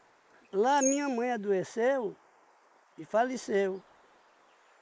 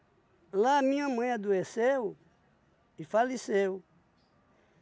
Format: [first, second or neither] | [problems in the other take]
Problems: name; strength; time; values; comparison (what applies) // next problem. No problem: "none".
second | noise reduction (neural mask model Resemble Enhance denoiser)